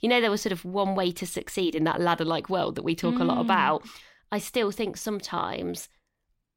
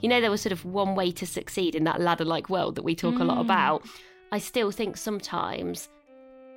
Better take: first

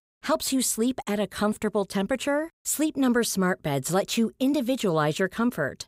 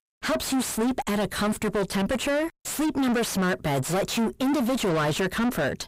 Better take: first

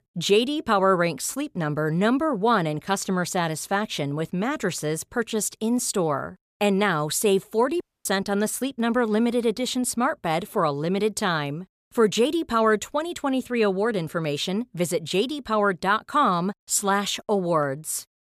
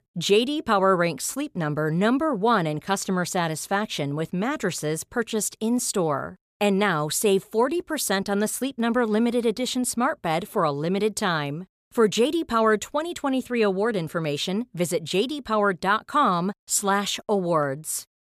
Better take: second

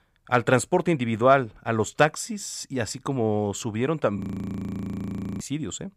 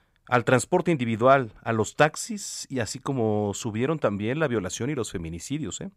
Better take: second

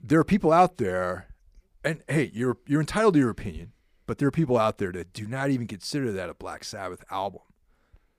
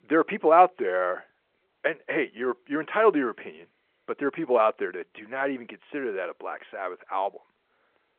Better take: first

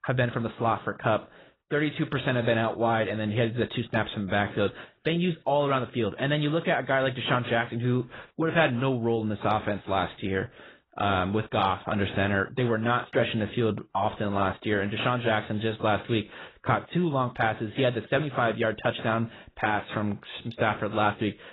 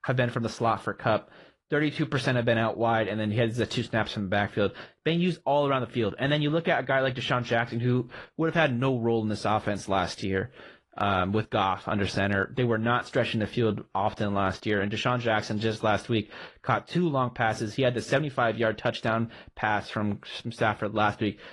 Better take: second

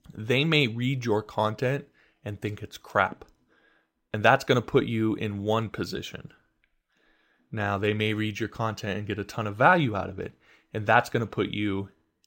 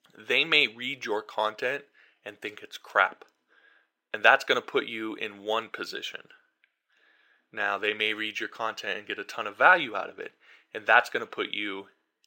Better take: first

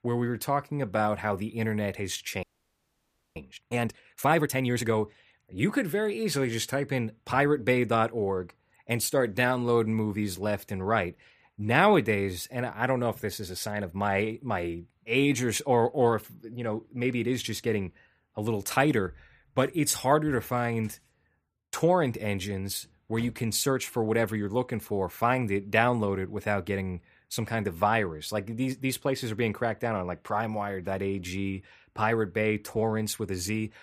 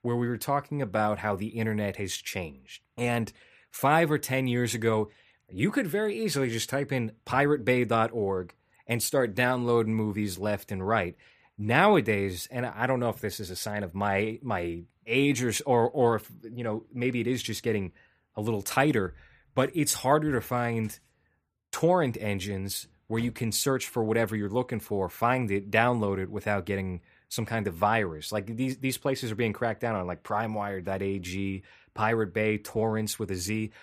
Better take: second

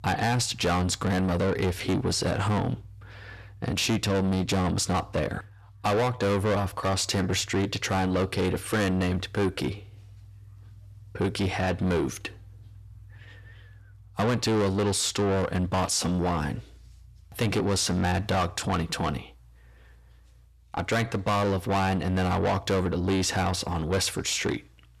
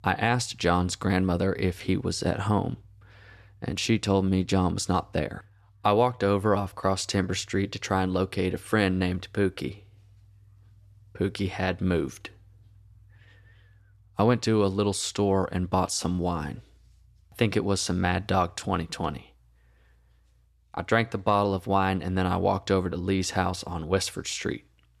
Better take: second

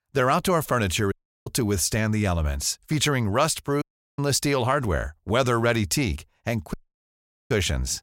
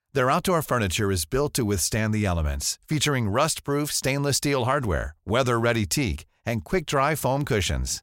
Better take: second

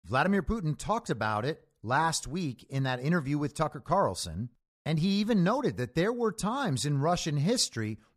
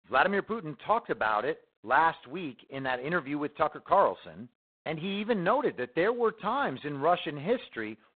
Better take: first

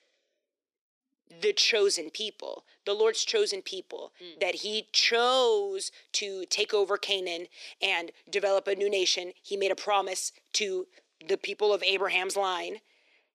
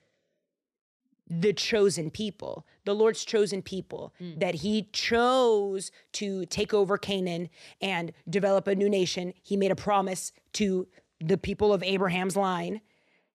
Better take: second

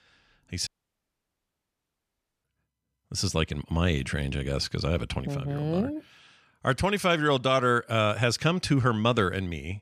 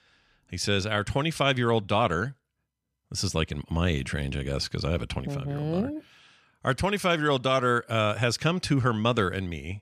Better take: second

